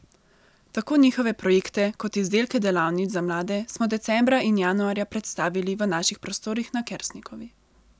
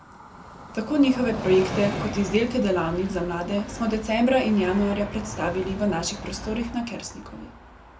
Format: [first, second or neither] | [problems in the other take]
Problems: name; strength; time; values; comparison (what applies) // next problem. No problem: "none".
first | background sound (Train); 10 dB below the speech // room echo; dies away in 0.3 s